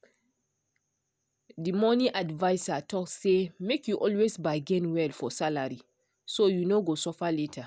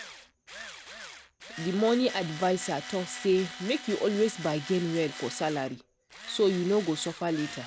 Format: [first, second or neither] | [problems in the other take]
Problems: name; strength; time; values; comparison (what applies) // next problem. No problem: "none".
first | background sound (Tools); 13 dB below the speech